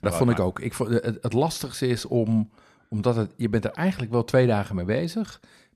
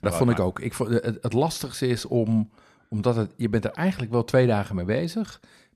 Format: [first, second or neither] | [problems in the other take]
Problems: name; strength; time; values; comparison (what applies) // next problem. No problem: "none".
neither | none